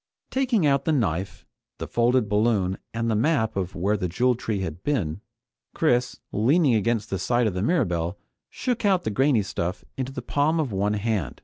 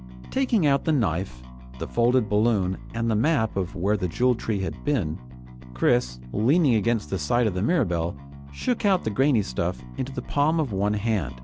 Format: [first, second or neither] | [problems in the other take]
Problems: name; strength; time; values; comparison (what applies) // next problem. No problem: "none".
first | background sound (Bass guitar); 15 dB below the speech